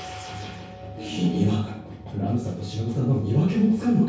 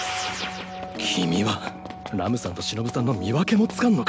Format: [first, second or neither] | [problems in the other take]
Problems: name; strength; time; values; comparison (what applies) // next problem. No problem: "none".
second | room echo; dies away in 0.6 s